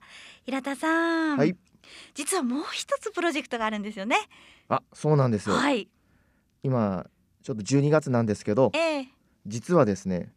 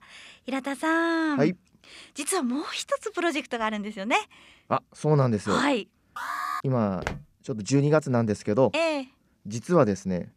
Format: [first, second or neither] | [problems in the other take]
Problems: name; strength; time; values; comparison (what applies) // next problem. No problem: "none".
first | alarm; noticeable; at 6 s; peak 4 dB below the speech // footsteps; noticeable; at 7 s; peak 10 dB below the speech